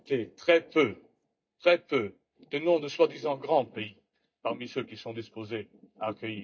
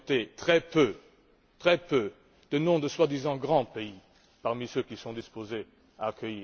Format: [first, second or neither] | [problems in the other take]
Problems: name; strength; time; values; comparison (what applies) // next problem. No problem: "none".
second | noise reduction (neural mask model DeepFilterNet 3)